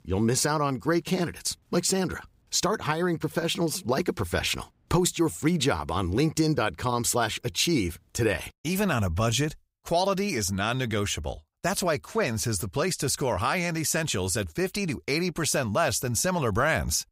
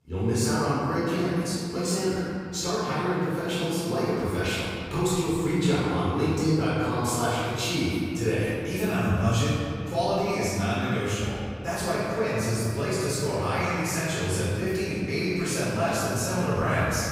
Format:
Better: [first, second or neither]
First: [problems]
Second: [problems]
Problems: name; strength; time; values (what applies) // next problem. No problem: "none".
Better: first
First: none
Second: room echo; strong; dies away in 2.3 s // off-mic speech; far